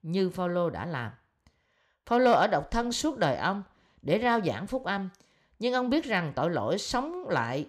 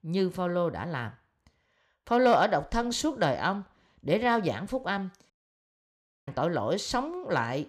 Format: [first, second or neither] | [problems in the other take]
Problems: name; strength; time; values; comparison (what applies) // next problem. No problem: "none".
first | audio cutting out; at 5.5 s for 1 s